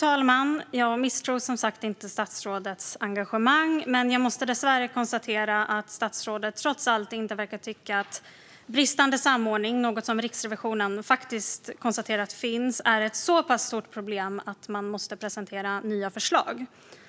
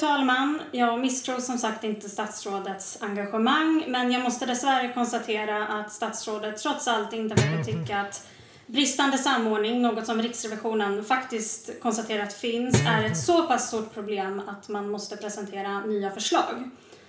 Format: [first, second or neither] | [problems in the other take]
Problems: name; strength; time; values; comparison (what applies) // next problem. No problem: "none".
first | background sound (Guitar); 2 dB below the speech // room echo; dies away in 0.5 s